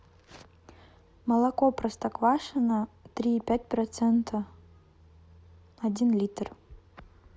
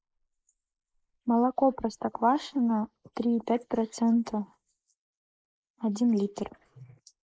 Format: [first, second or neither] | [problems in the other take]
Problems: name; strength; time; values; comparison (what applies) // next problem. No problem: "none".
first | noise reduction (neural mask model Resemble Enhance denoiser)